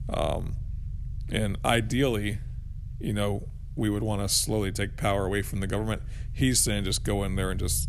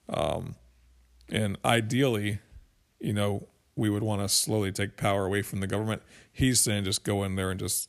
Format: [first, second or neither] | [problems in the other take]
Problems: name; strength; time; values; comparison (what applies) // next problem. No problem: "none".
second | low rumble; faint; throughout; 25 dB below the speech